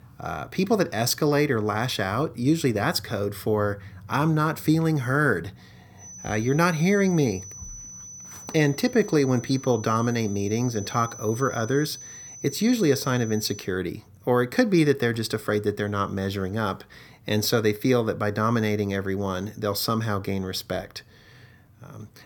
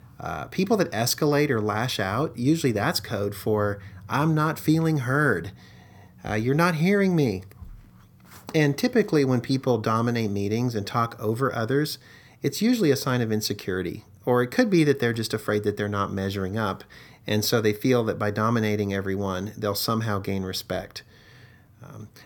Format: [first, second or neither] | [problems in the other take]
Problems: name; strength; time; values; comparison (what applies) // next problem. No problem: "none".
second | high-pitched whine; noticeable; from 6 to 14 s; 6 kHz, 15 dB below the speech